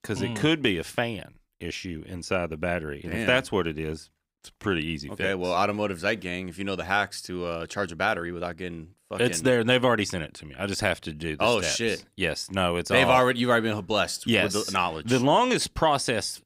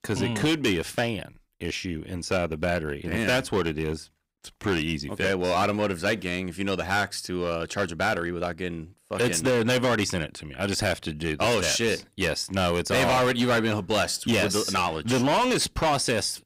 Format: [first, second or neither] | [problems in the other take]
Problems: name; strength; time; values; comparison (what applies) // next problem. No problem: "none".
first | distortion; heavy; 10% of the sound clipped